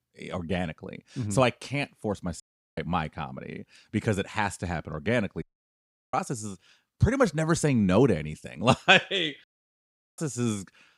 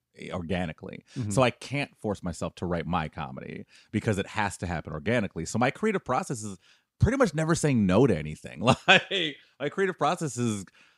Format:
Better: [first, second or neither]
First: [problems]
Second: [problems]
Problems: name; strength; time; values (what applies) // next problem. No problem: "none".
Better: second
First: audio cutting out; at 2.5 s, at 5.5 s for 0.5 s and at 9.5 s for 0.5 s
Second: none